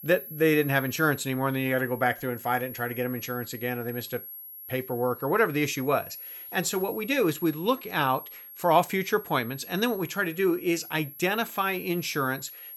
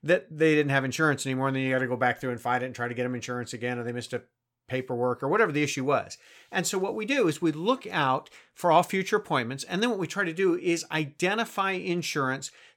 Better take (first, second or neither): second